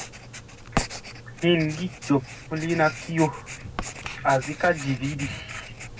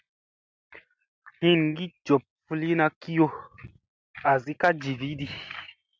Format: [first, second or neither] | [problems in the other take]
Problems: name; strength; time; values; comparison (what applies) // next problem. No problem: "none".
second | background sound (Writing); 9 dB below the speech // room echo; dies away in 0.4 s